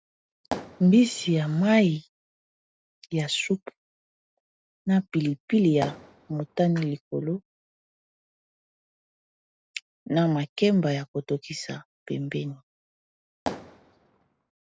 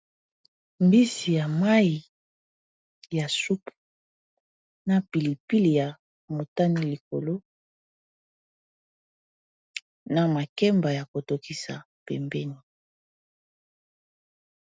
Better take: second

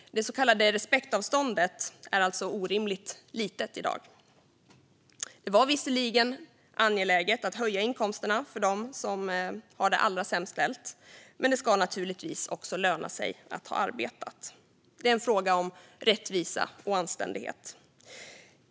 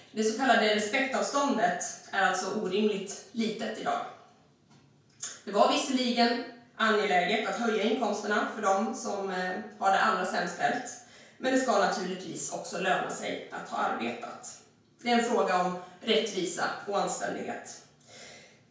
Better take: first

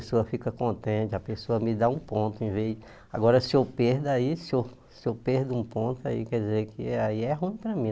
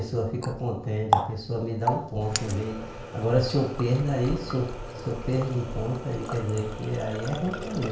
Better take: first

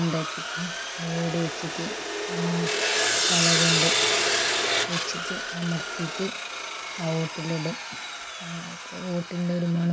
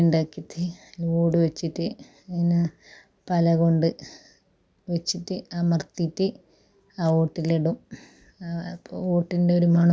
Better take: second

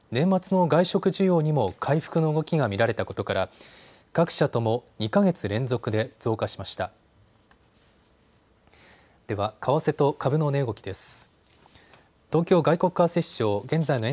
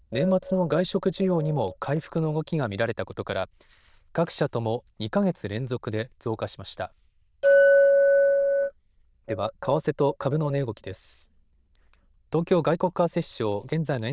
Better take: first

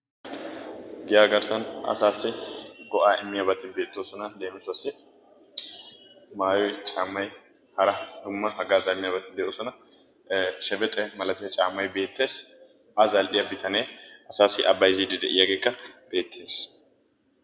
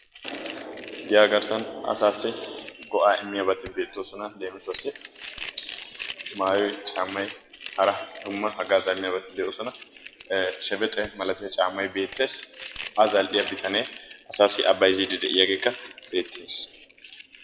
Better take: first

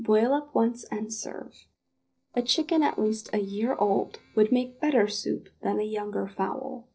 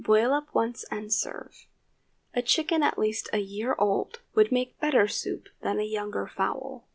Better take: second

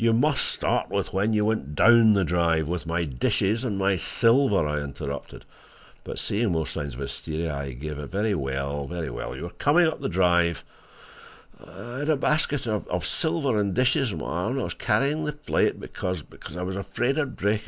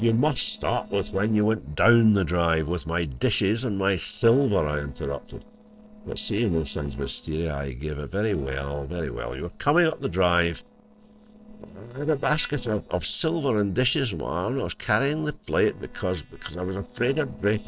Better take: first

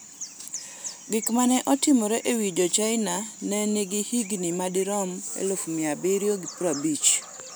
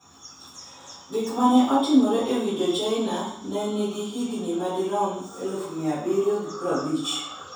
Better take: first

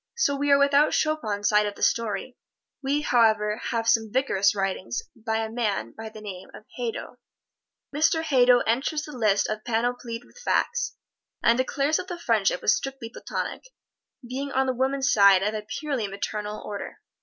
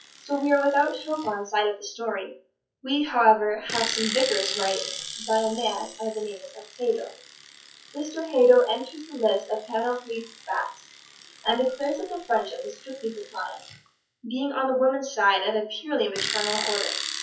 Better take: first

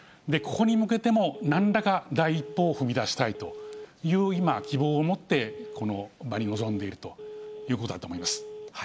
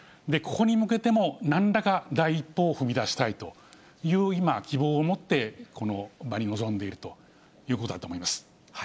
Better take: second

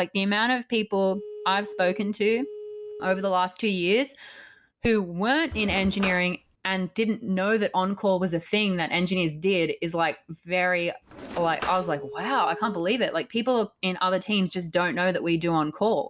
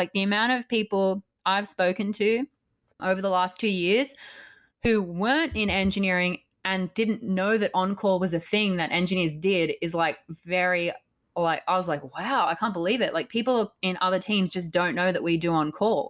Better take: second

